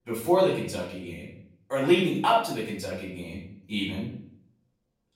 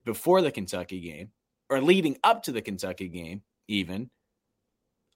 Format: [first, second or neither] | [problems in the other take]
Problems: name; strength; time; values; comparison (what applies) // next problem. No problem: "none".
second | room echo; noticeable; dies away in 0.5 s // off-mic speech; far